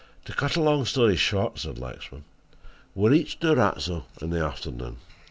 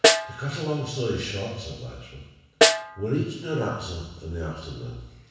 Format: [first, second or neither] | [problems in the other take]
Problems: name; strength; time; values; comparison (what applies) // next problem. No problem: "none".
first | background sound (Snare drum); 5 dB above the speech // room echo; dies away in 1.1 s